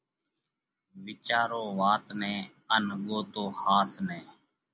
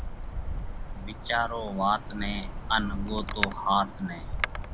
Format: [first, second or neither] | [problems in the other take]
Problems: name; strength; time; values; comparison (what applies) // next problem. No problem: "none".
first | background sound (Wind); 3 dB below the speech